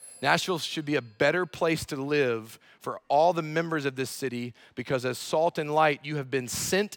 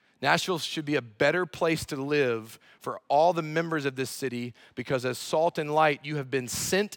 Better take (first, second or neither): second